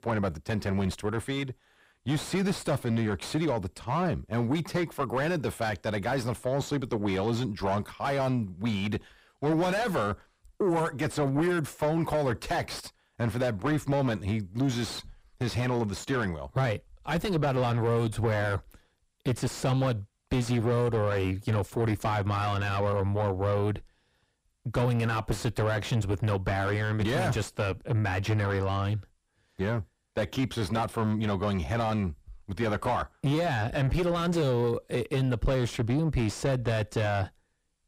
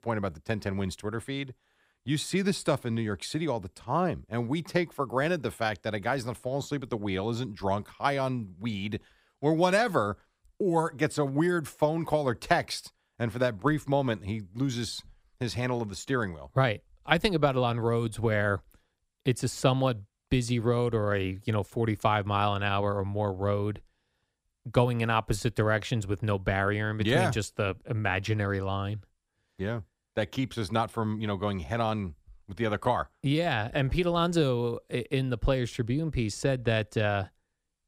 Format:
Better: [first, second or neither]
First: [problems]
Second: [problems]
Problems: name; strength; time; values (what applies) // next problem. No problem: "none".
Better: second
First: distortion; heavy; 6 dB below the speech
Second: none